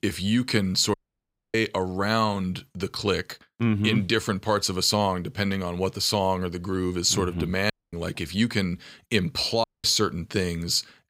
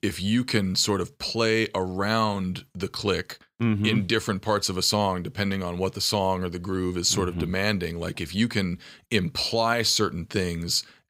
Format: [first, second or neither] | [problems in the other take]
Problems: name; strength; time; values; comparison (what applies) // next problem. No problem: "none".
second | audio cutting out; at 1 s for 0.5 s, at 7.5 s and at 9.5 s